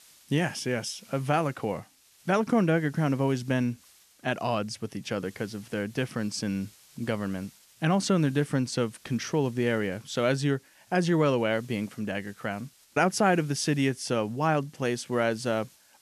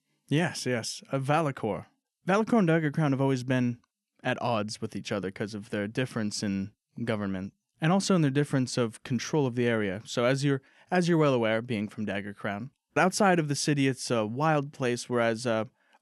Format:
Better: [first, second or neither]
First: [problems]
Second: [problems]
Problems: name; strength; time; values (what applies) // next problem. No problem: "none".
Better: second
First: hiss; faint; throughout; 25 dB below the speech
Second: none